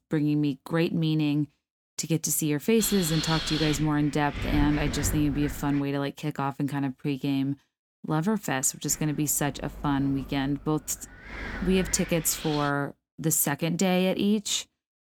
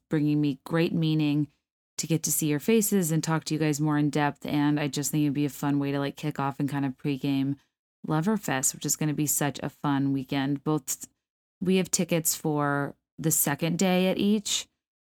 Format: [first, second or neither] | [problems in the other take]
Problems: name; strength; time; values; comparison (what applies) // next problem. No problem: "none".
second | wind noise on the microphone; heavy; from 3 to 6 s and from 9 to 13 s; 6 dB below the speech